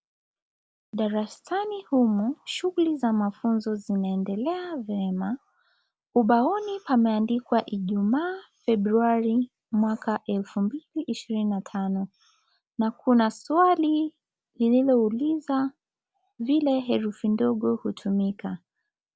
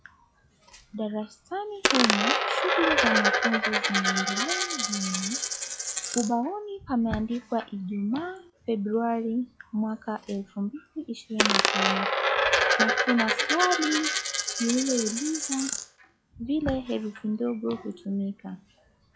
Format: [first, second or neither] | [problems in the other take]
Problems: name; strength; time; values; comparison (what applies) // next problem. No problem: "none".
first | noise reduction (classical method log-MMSE)